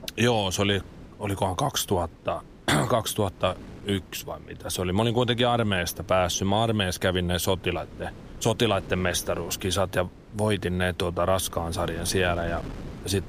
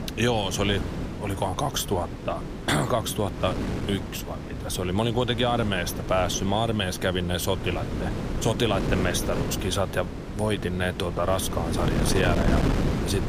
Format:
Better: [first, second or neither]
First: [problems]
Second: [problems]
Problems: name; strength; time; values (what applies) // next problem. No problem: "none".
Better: first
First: wind noise on the microphone; occasional gusts; 20 dB below the speech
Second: wind noise on the microphone; heavy; 8 dB below the speech